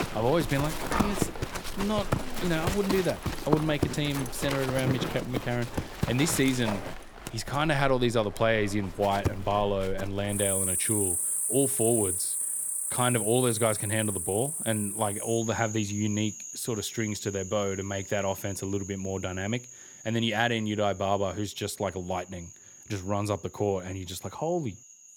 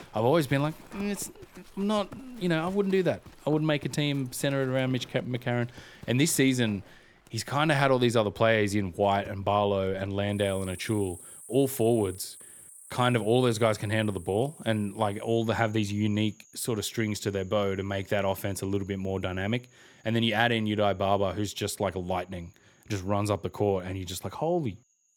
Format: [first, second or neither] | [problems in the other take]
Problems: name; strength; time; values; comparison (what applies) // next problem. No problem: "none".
second | animal sounds; loud; throughout; 2 dB below the speech; faint in the second